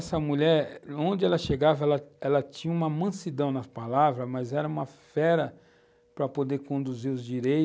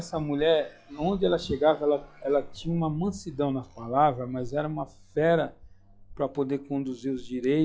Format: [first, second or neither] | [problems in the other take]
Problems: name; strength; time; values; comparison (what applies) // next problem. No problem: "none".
first | noise reduction (classical method log-MMSE)